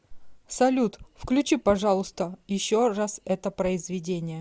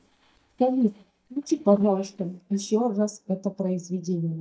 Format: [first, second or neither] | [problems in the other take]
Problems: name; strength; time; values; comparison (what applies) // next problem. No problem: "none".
first | noise reduction (neural mask model DeepFilterNet 3)